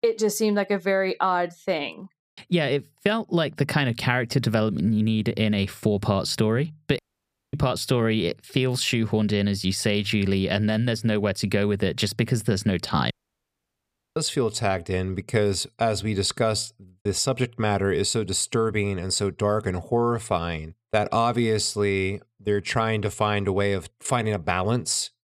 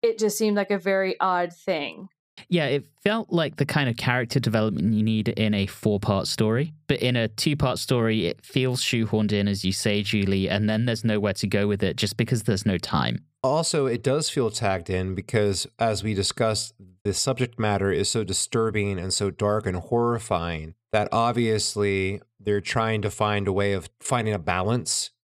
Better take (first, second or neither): second